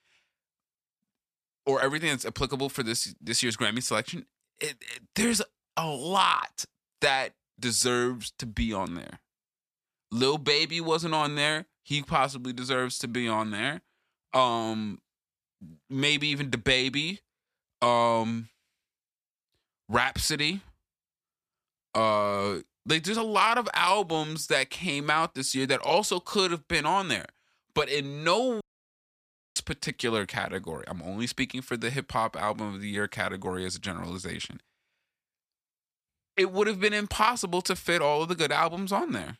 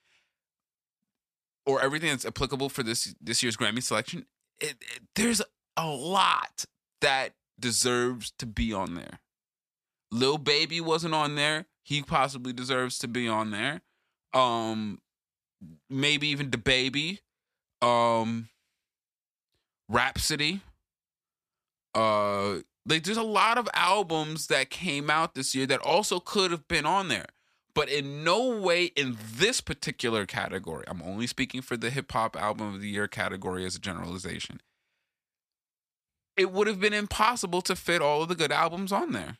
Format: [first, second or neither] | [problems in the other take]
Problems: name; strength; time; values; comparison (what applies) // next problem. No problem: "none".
second | audio cutting out; at 29 s for 1 s